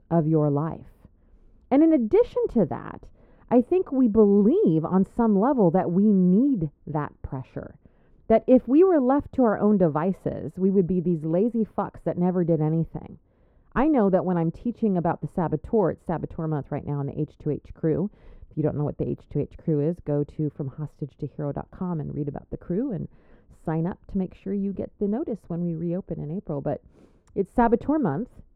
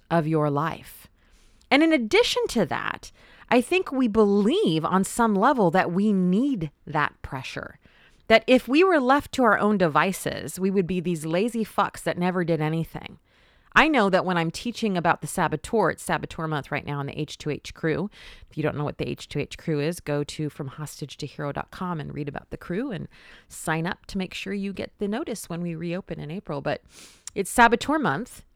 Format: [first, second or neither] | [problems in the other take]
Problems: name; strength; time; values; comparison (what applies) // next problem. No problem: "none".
second | muffled; very; fading above 1.5 kHz